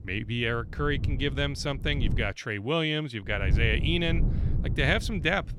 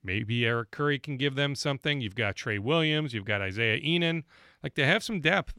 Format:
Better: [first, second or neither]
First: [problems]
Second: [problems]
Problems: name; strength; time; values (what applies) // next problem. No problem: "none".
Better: second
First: wind noise on the microphone; occasional gusts; until 2 s and from 3.5 s on; 15 dB below the speech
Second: none